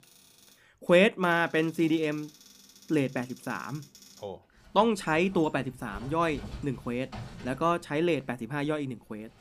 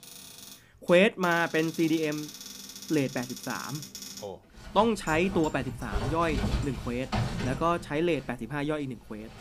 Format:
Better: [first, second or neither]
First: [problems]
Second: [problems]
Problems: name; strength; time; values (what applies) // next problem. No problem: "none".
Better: first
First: household noises; faint; throughout; 20 dB below the speech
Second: household noises; loud; throughout; 9 dB below the speech